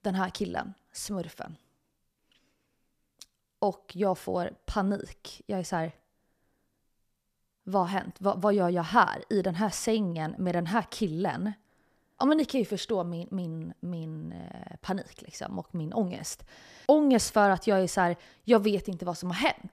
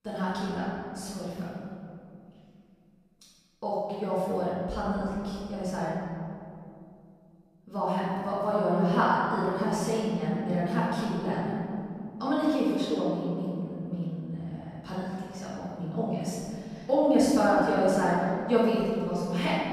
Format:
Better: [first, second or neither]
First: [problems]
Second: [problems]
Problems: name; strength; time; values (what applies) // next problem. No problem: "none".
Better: first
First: none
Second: room echo; strong; dies away in 2.5 s // off-mic speech; far